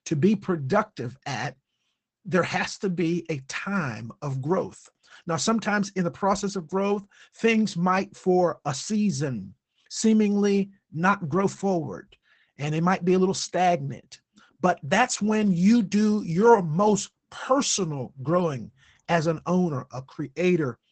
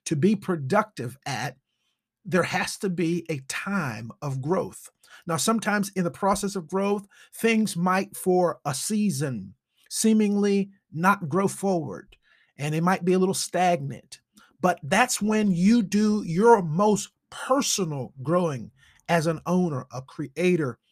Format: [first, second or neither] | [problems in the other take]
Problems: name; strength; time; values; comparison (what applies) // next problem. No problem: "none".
second | garbled, watery; badly; nothing above 8 kHz